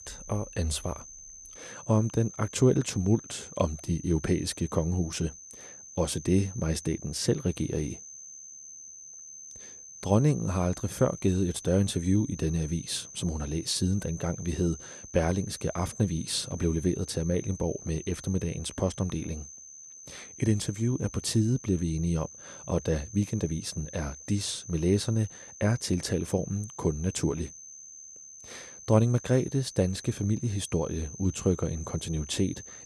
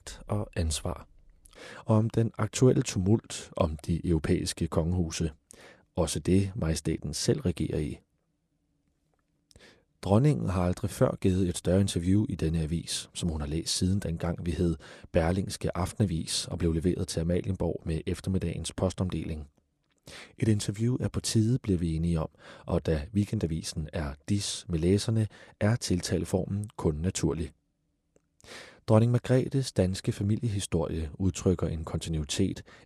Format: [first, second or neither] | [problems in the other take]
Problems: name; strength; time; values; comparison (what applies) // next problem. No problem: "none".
second | high-pitched whine; noticeable; throughout; 6 kHz, 15 dB below the speech